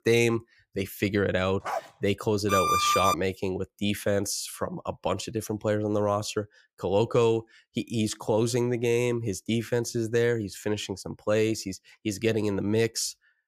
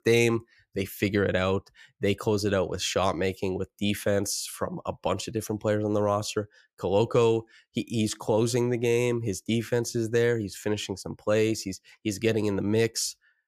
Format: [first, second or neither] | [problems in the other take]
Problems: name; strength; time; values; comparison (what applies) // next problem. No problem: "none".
second | dog barking; noticeable; at 1.5 s; peak 6 dB below the speech // alarm; loud; at 2.5 s; peak 4 dB above the speech